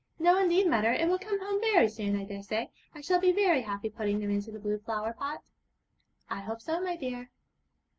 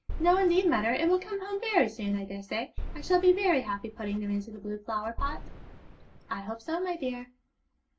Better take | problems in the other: first | background sound (Boom); 11 dB below the speech // room echo; dies away in 0.2 s

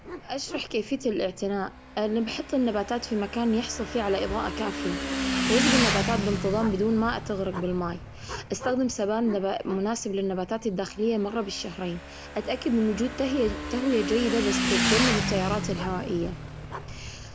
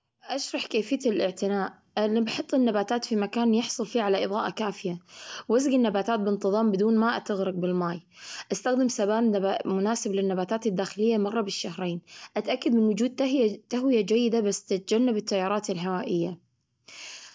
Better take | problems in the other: second | background sound (Motorcycle / Engine); 4 dB below the speech

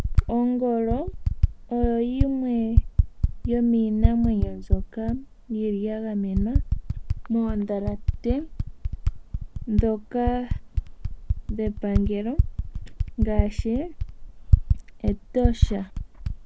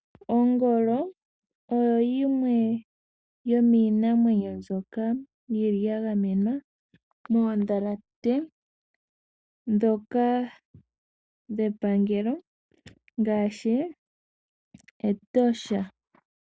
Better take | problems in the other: second | background sound (Typing); 2 dB above the speech

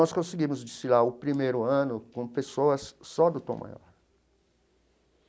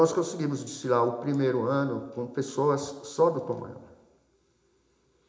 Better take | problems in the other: first | room echo; dies away in 0.8 s

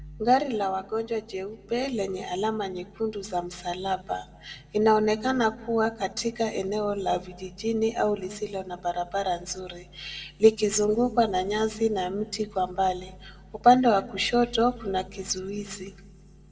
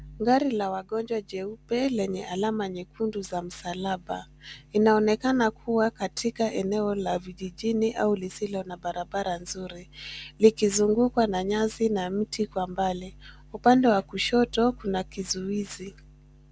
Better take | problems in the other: second | room echo; dies away in 0.8 s

